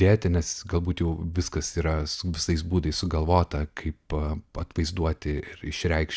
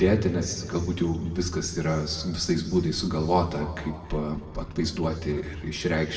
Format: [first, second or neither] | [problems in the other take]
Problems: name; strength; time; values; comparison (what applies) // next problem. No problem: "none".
first | room echo; dies away in 2.1 s